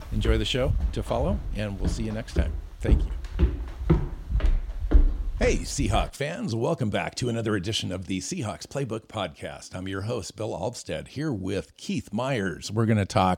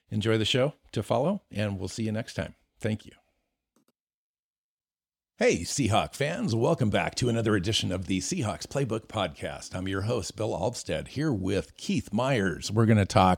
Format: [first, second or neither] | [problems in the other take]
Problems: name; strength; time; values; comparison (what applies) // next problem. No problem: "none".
second | footsteps; loud; until 6 s; peak 5 dB above the speech